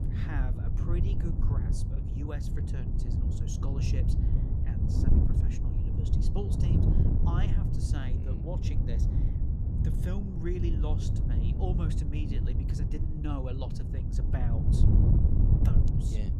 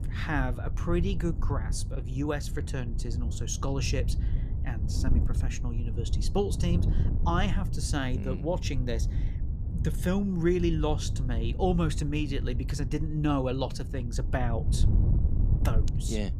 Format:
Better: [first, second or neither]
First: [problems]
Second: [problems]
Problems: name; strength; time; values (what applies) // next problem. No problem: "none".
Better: second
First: wind noise on the microphone; heavy; 2 dB above the speech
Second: wind noise on the microphone; occasional gusts; 10 dB below the speech